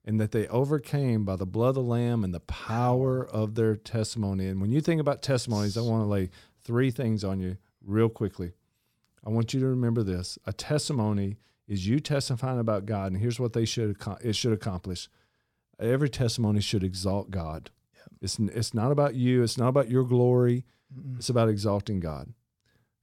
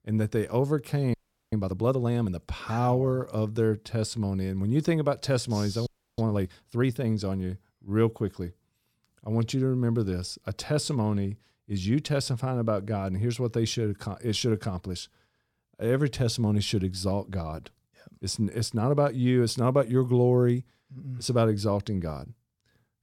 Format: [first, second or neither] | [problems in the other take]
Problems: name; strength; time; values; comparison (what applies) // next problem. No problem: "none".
first | audio freezing; at 1 s and at 6 s